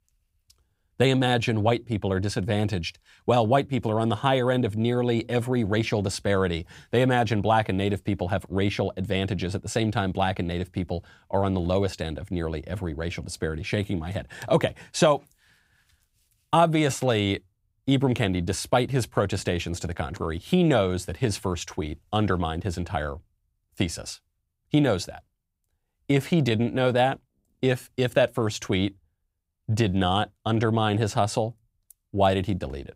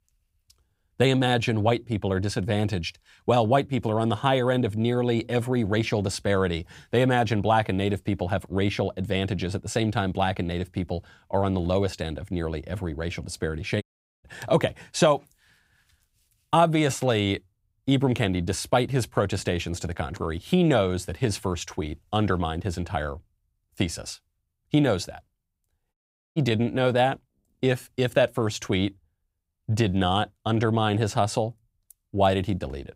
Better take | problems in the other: first | audio cutting out; at 14 s and at 26 s

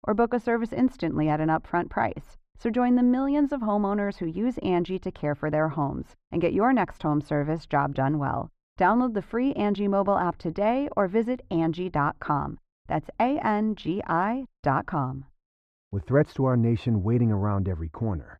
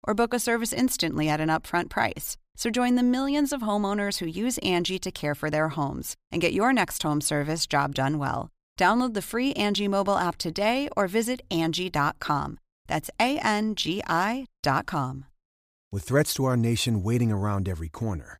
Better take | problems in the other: second | muffled; very; fading above 3.5 kHz

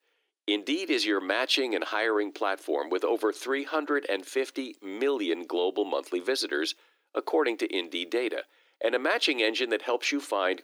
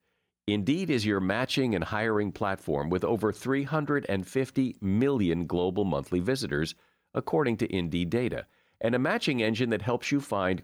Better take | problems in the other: second | thin; somewhat; fading below 300 Hz

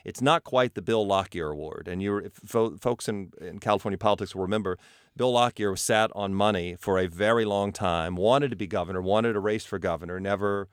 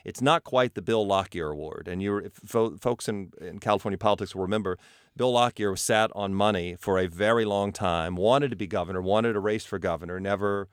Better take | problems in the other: neither | none

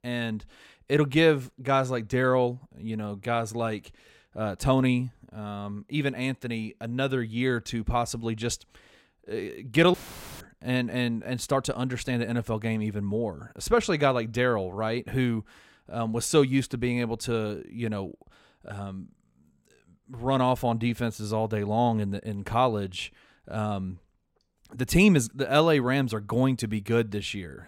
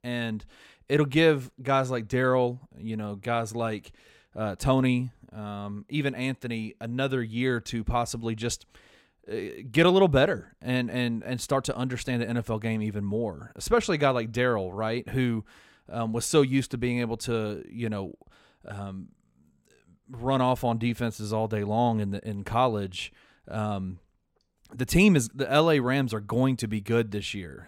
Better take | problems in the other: second | audio cutting out; filled with static; at 10 s

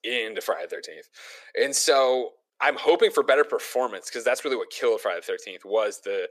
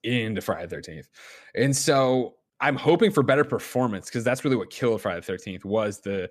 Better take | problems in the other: second | thin; very; fading below 450 Hz

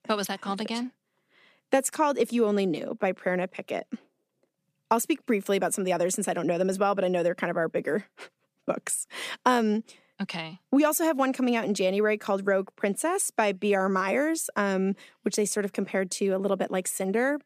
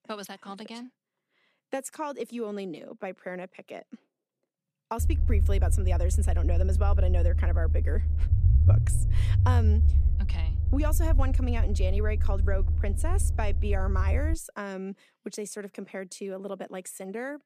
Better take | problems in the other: first | low rumble; loud; from 5 to 14 s; 7 dB below the speech

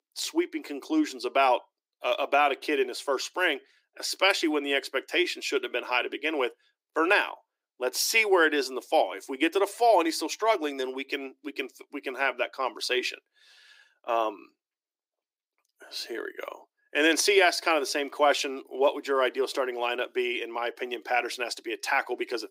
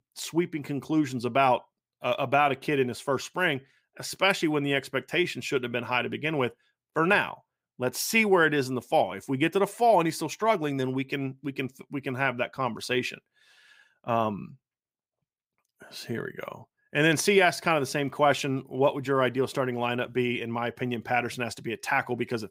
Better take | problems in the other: second | thin; somewhat; fading below 300 Hz

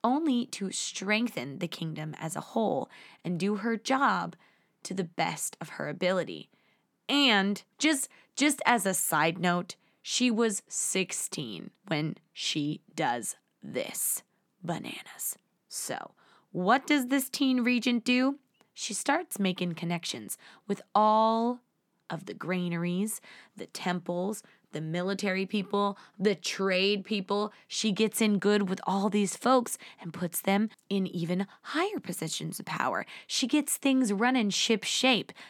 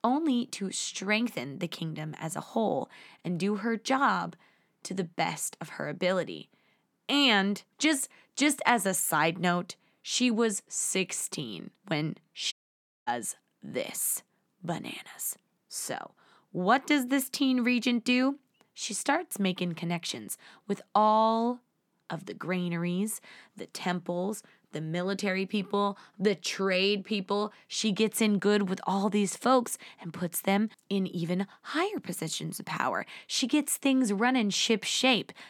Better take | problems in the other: first | audio cutting out; at 13 s for 0.5 s

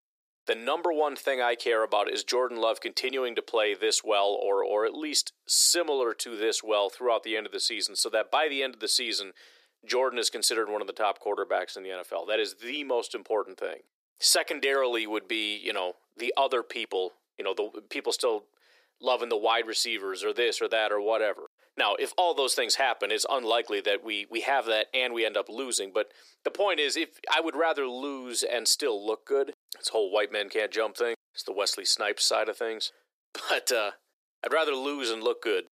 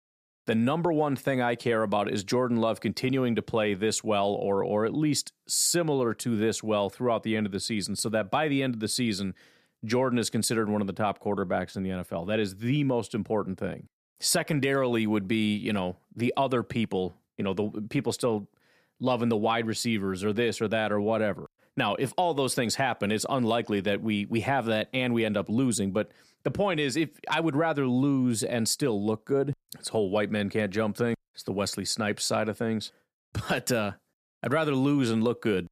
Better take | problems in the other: second | thin; very; fading below 350 Hz

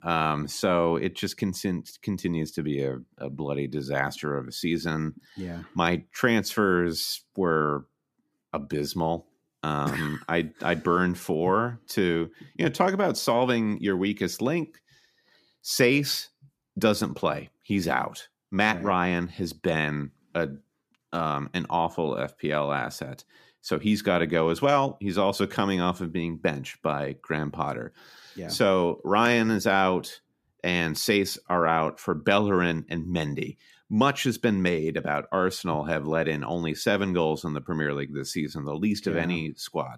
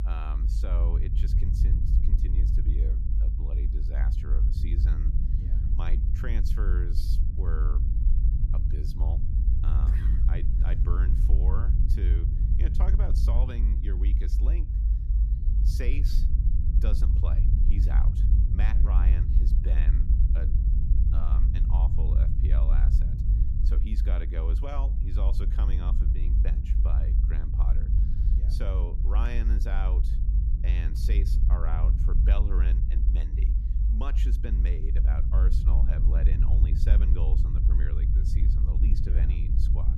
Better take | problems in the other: first | low rumble; loud; throughout; 1 dB below the speech

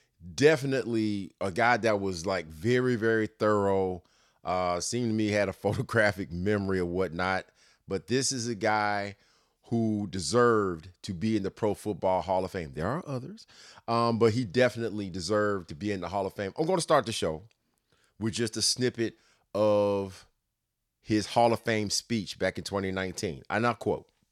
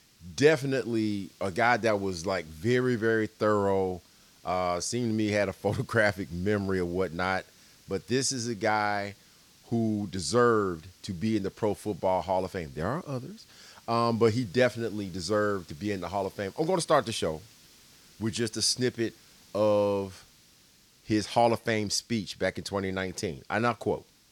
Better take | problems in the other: first | hiss; faint; throughout; 25 dB below the speech

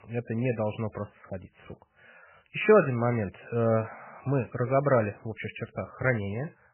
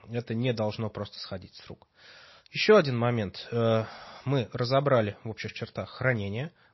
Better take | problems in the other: second | garbled, watery; badly; nothing above 3 kHz; slightly in the second

